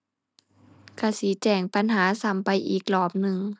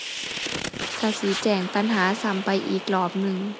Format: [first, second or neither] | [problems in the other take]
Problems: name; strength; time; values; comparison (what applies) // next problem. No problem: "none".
first | background sound (Fire); 8 dB below the speech